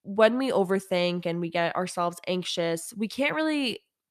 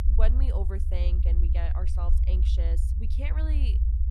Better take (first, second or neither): first